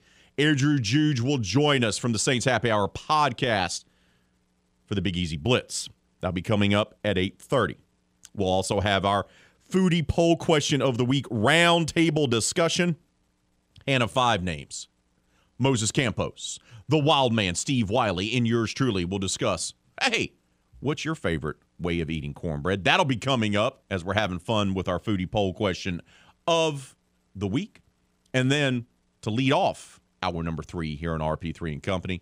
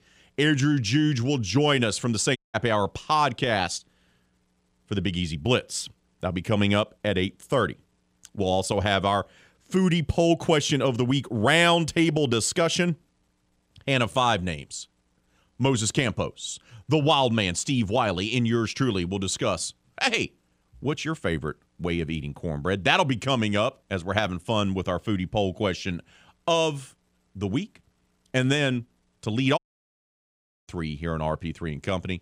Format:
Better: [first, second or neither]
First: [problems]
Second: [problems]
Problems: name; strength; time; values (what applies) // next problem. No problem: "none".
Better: first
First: none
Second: audio cutting out; at 2.5 s and at 30 s for 1 s